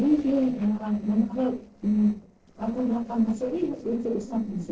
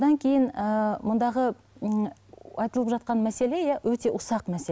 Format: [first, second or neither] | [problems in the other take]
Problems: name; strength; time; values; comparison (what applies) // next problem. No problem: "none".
second | noise reduction (neural separator model SepFormer DNS4)